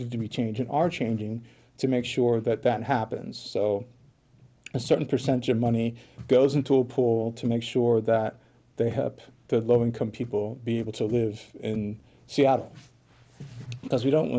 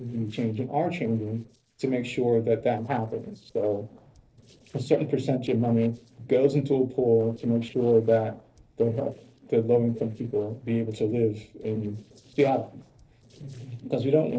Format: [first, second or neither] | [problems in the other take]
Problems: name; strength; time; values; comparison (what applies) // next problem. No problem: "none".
first | noise reduction (neural separator model SepFormer DNS4)